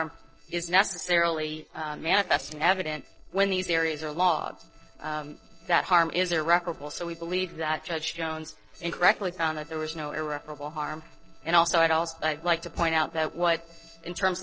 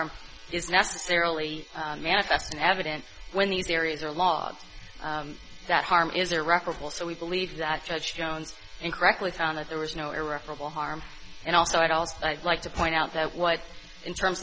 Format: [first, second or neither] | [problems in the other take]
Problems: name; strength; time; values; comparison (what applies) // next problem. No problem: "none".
second | noise reduction (neural separator model SepFormer DNS4)